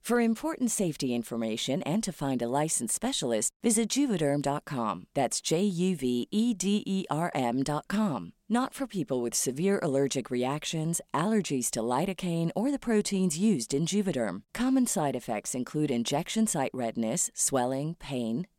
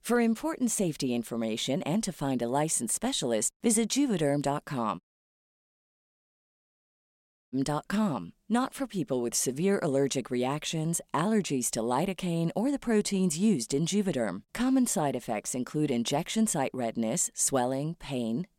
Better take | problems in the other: first | audio cutting out; at 5 s for 2.5 s

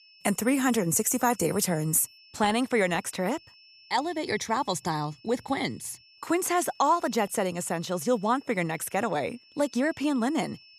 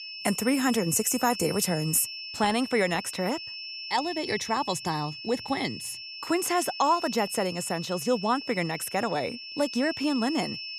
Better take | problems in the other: first | high-pitched whine; loud; throughout; 5.5 kHz, 9 dB below the speech; faint in the first

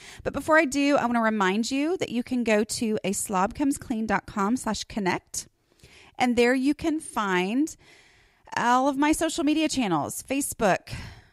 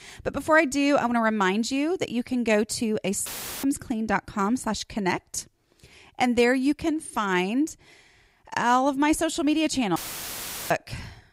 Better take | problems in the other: first | audio cutting out; filled with static; at 3.5 s and at 10 s for 0.5 s

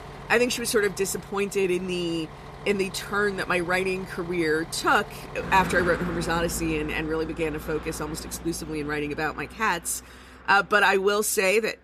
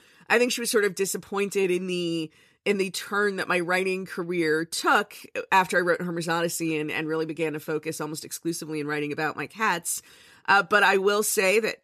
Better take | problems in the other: second | traffic noise; noticeable; throughout; 15 dB below the speech

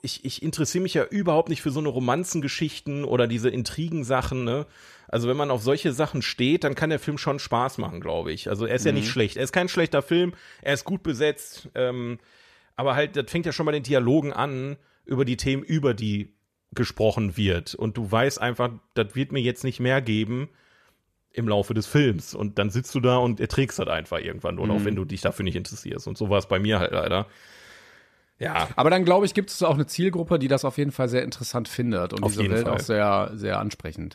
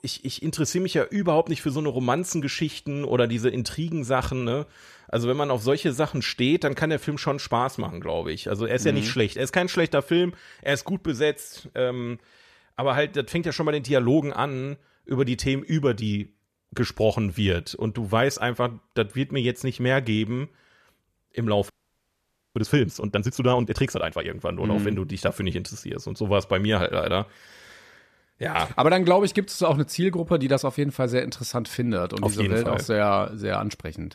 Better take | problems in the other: first | audio freezing; at 22 s for 1 s

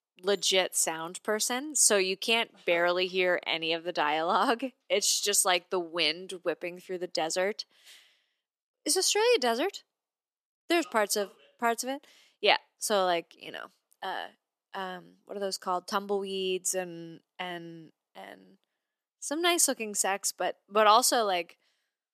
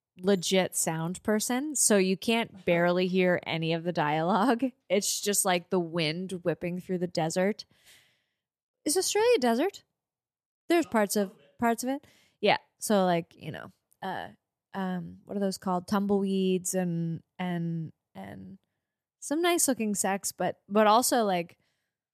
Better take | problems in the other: second | thin; somewhat; fading below 300 Hz

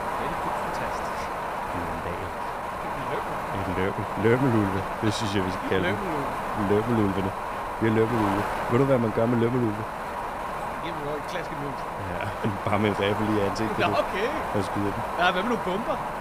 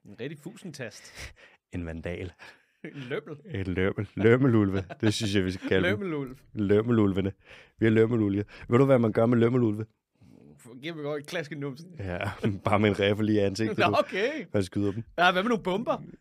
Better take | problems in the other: second | wind noise on the microphone; heavy; as loud as the speech

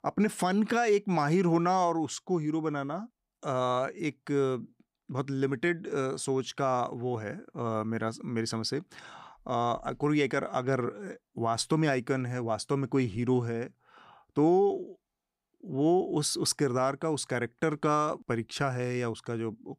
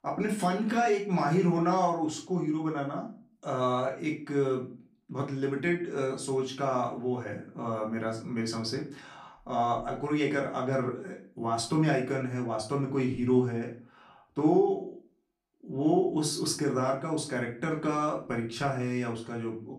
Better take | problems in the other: first | room echo; slight; dies away in 0.3 s // off-mic speech; far

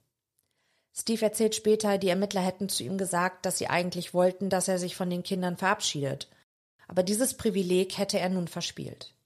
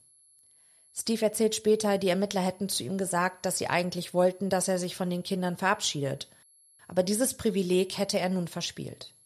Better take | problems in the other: first | high-pitched whine; faint; throughout; 11 kHz, 30 dB below the speech

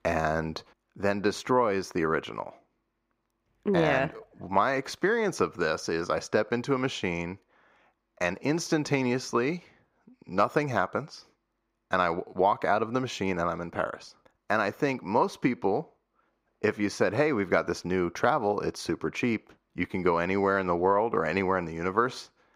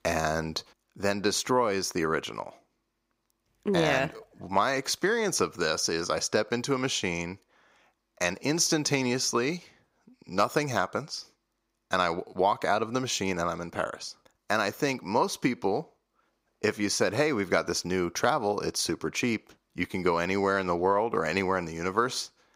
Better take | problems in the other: second | muffled; slightly; fading above 3.5 kHz

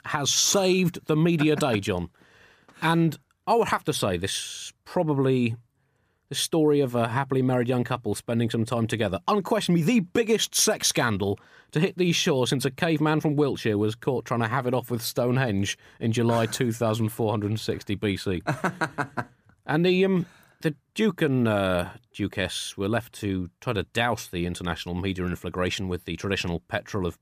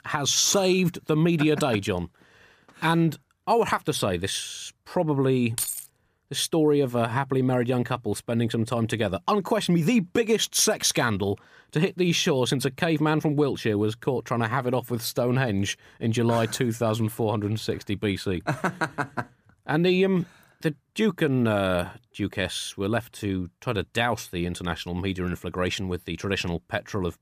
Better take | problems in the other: first | jangling keys; noticeable; at 5.5 s; peak 3 dB below the speech

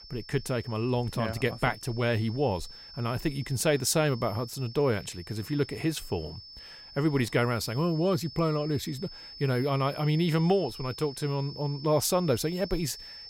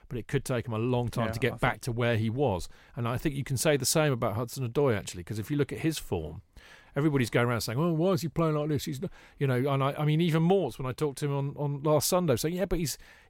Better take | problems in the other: second | high-pitched whine; noticeable; throughout; 5.5 kHz, 15 dB below the speech

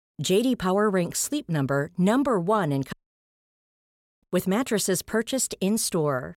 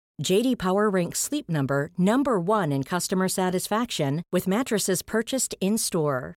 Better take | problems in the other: second | audio cutting out; at 3 s for 1.5 s

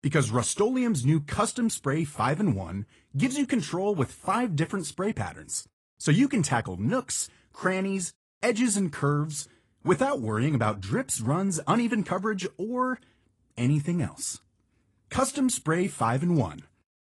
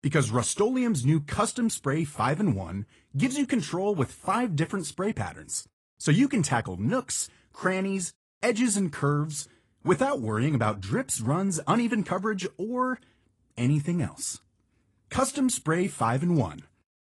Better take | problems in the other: neither | garbled, watery; slightly; nothing above 10.5 kHz; the same in both

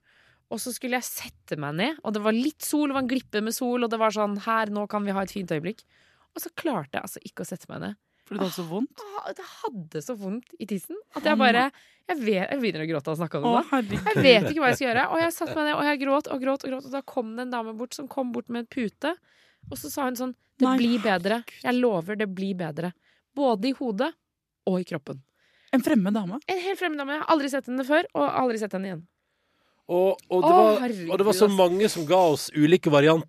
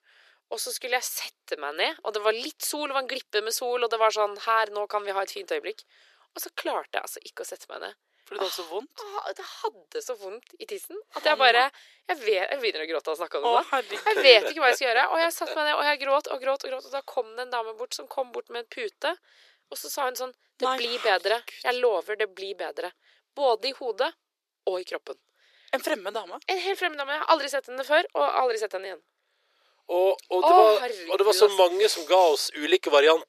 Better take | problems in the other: first | thin; very; fading below 400 Hz

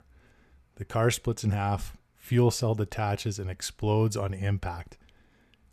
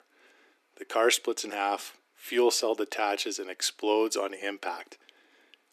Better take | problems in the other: first | thin; very; fading below 300 Hz

